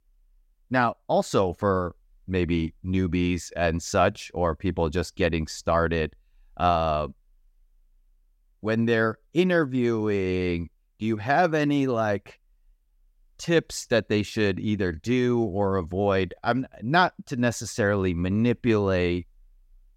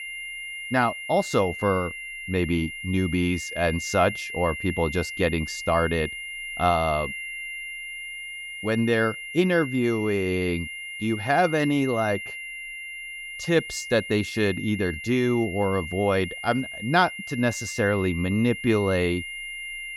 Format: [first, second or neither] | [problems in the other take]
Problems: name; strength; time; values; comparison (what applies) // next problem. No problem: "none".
first | high-pitched whine; loud; throughout; 2 kHz, 8 dB below the speech